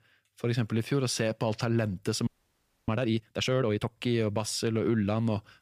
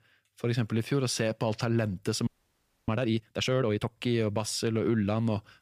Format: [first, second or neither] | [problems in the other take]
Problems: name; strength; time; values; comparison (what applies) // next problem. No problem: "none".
neither | audio freezing; at 2.5 s for 0.5 s; the same in both